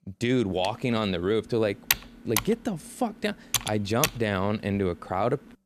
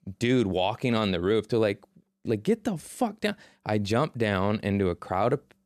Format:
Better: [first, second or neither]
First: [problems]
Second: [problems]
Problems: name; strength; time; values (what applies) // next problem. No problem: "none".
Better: second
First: keyboard typing; loud; from 0.5 to 4 s; peak 2 dB above the speech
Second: none